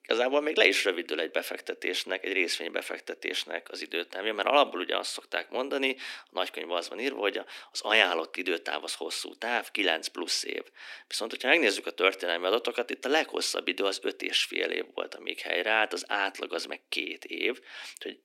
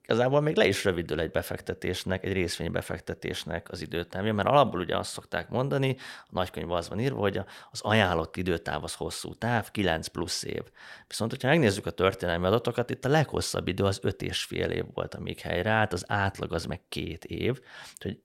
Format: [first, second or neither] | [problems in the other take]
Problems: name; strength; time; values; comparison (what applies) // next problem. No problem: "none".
second | thin; somewhat; fading below 250 Hz